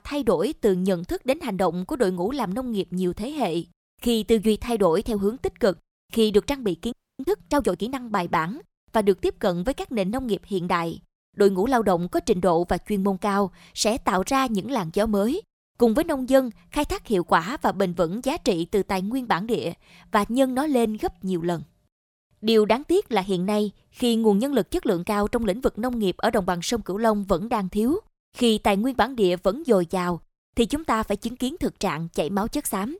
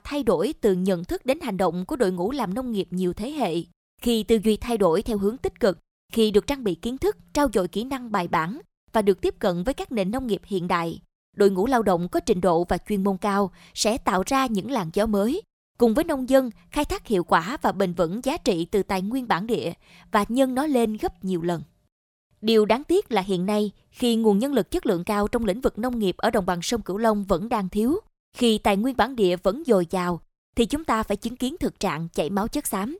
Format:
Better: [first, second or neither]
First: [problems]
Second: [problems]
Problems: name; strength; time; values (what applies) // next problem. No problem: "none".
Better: second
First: audio freezing; at 7 s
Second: none